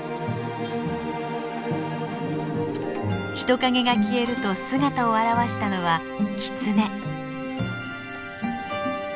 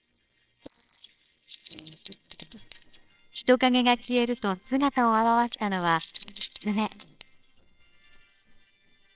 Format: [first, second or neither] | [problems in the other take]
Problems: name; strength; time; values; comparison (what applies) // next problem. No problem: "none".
first | noise reduction (neural separator model SepFormer WHAMR!)